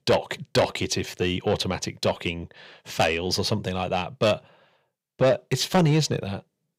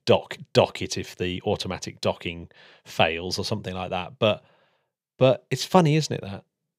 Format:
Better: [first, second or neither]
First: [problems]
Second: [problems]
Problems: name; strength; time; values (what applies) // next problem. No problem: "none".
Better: second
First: distortion; heavy; 7 dB below the speech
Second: none